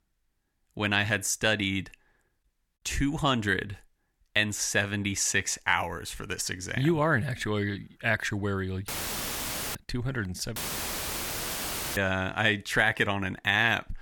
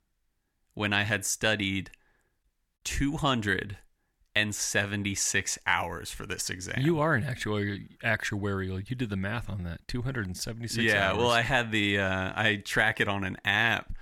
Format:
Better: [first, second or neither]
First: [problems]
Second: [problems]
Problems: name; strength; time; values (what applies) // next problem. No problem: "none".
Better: second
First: audio cutting out; filled with static; at 9 s for 1 s and at 11 s for 1.5 s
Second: none